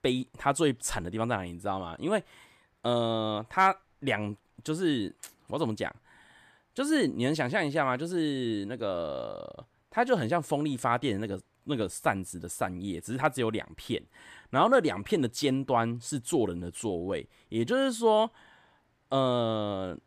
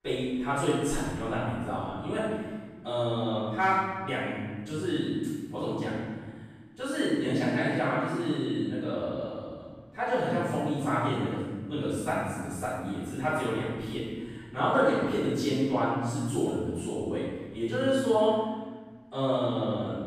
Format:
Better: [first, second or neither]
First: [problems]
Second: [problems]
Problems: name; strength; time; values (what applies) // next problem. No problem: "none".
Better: first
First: none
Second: off-mic speech; far // room echo; strong; dies away in 1.6 s